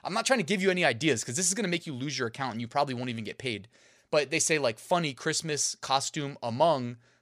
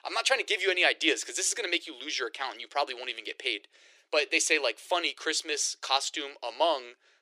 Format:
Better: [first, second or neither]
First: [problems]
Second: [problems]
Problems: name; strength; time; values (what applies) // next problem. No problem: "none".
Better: first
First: none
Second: thin; very; fading below 300 Hz